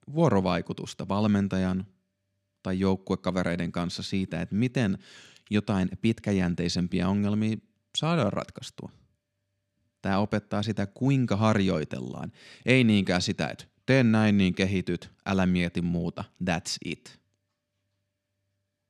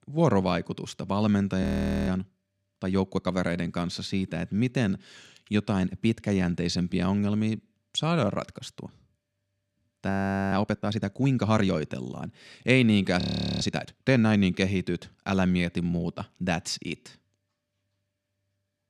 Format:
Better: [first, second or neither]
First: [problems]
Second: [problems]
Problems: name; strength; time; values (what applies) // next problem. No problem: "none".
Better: first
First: none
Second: audio freezing; at 1.5 s, at 10 s and at 13 s